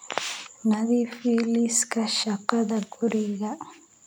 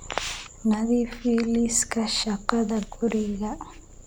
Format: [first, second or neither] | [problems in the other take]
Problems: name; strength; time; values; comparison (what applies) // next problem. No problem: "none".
first | background sound (Purr); 17 dB below the speech